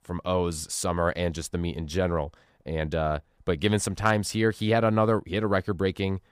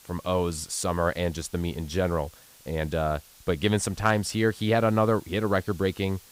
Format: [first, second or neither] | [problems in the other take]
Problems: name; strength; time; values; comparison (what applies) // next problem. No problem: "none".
first | hiss; faint; throughout; 25 dB below the speech